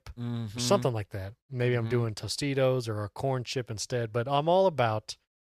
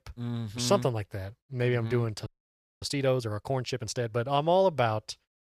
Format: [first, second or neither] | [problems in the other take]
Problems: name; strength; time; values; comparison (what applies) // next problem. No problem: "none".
first | audio freezing; at 2.5 s for 0.5 s